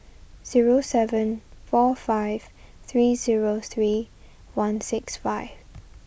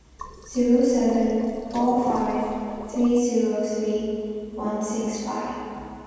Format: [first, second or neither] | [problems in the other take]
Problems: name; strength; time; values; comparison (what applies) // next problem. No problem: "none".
first | background sound (Sink (filling or washing)); 15 dB below the speech // room echo; dies away in 2.1 s